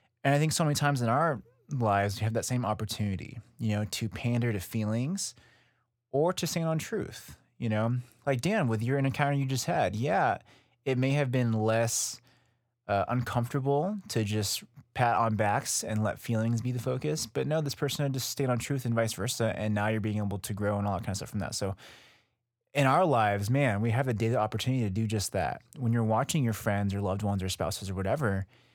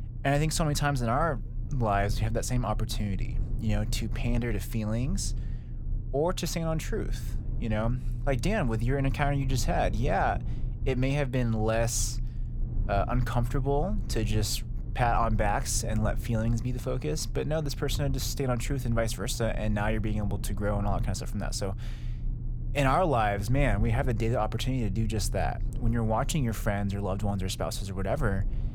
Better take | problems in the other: first | low rumble; noticeable; throughout; 20 dB below the speech

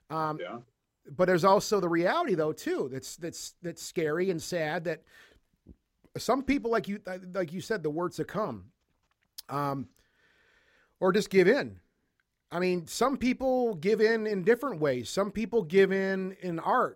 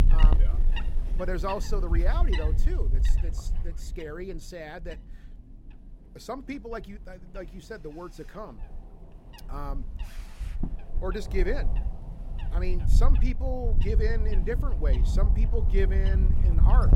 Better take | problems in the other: first | wind noise on the microphone; heavy; 8 dB below the speech

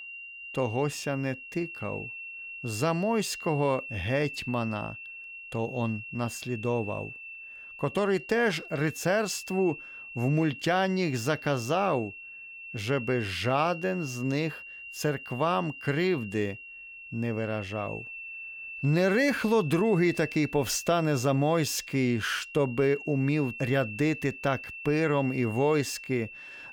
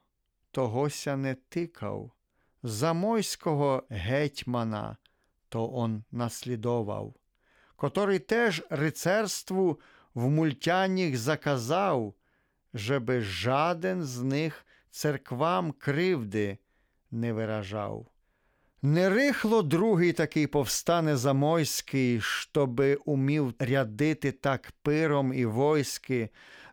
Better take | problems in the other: second | high-pitched whine; noticeable; throughout; 2.5 kHz, 10 dB below the speech

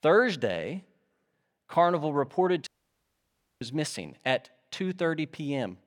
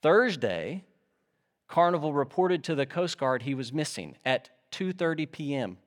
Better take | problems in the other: second | audio cutting out; at 2.5 s for 1 s

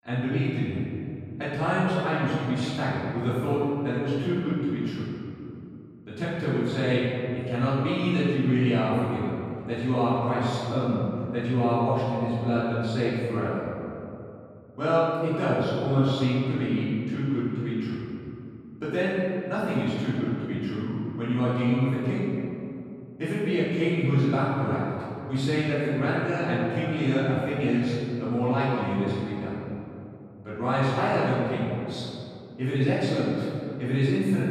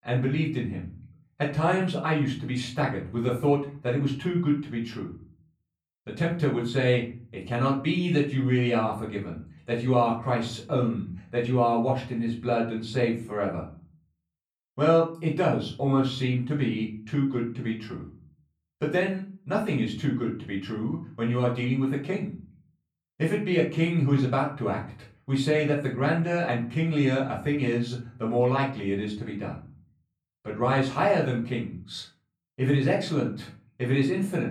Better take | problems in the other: second | room echo; strong; dies away in 2.5 s; slight in the second // off-mic speech; far; far in the second

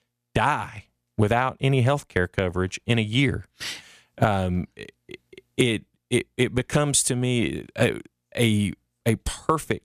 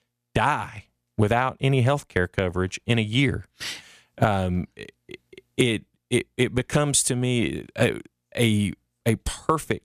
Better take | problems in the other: neither | none

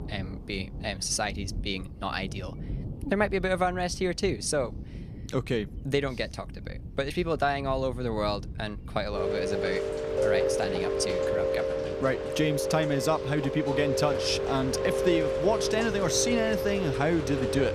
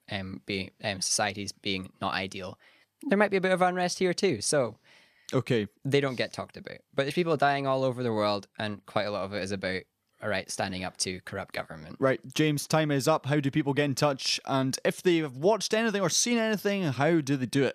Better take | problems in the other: second | rain or running water; loud; throughout; 2 dB below the speech

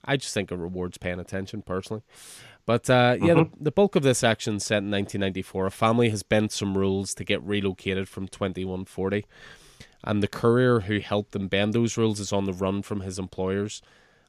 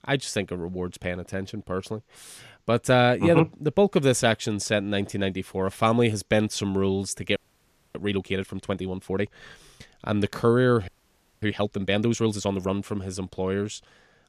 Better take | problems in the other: first | audio freezing; at 7.5 s for 0.5 s and at 11 s for 0.5 s

